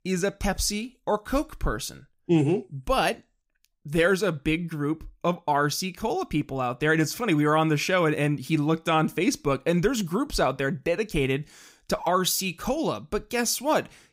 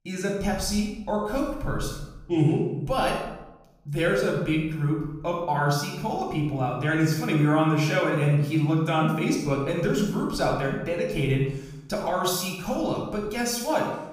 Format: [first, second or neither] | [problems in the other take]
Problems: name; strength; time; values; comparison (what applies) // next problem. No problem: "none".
first | off-mic speech; far // room echo; noticeable; dies away in 0.8 s